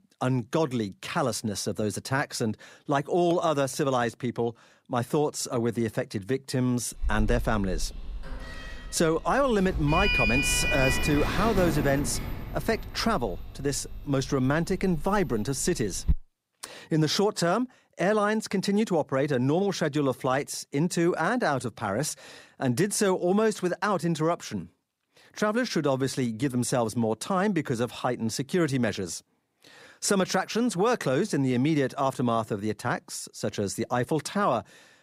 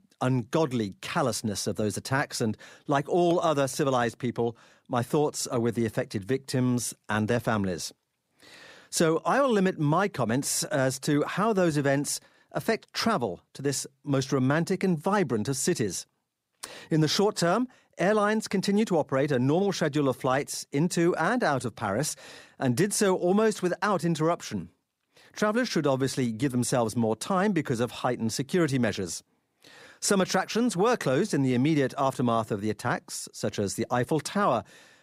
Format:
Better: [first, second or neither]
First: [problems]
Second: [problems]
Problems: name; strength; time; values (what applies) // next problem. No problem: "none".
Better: second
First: door banging; loud; from 7 to 16 s; peak 4 dB above the speech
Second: none